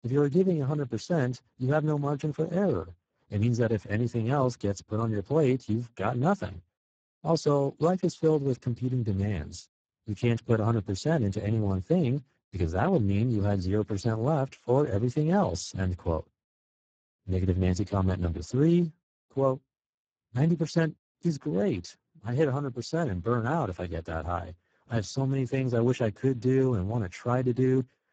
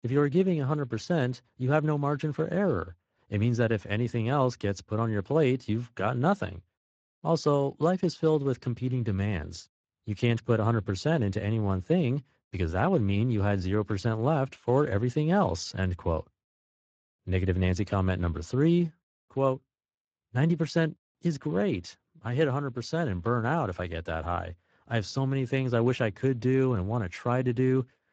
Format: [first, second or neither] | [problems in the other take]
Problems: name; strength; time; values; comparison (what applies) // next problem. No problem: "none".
second | garbled, watery; badly; nothing above 7.5 kHz; slightly in the second